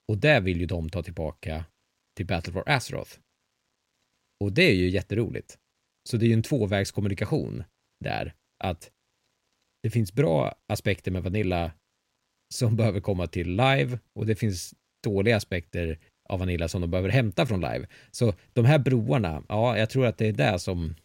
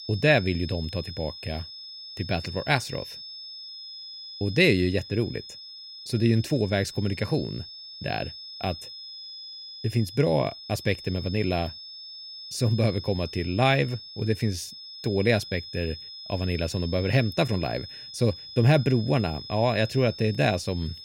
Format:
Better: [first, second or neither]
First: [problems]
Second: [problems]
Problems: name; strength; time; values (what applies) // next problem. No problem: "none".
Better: first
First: none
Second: high-pitched whine; noticeable; throughout; 5 kHz, 10 dB below the speech